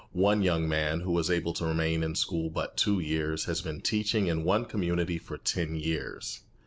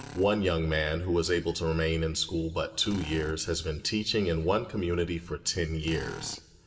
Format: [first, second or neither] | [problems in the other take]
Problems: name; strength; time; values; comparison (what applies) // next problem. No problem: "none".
first | background sound (Drill); 20 dB below the speech // room echo; dies away in 1.2 s